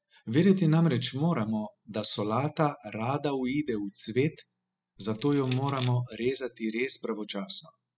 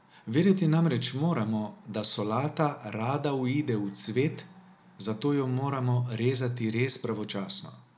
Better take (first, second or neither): second